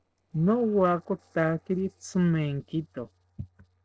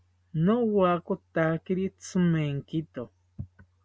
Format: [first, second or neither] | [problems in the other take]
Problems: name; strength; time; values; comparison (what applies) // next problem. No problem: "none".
second | noise reduction (neural separator model SepFormer DNS4)